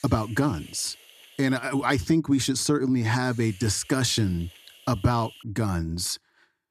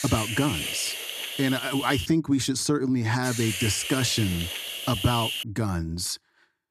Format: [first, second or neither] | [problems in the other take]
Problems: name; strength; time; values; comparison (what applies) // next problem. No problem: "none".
first | hiss; loud; until 2 s and from 3 to 5.5 s; 4 dB below the speech; faint in the first